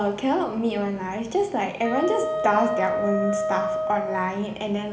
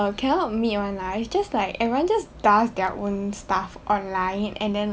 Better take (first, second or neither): second